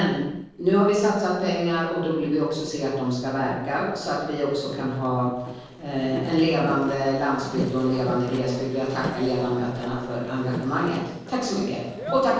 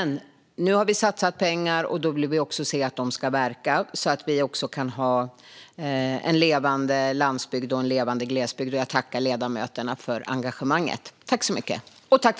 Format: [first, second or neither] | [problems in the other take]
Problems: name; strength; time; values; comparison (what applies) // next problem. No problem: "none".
second | noise reduction (neural separator model SepFormer DNS4)